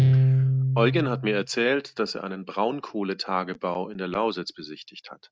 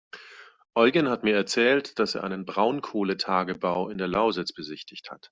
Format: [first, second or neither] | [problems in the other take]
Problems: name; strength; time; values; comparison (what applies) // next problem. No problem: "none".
second | noise reduction (neural mask model RNNoise)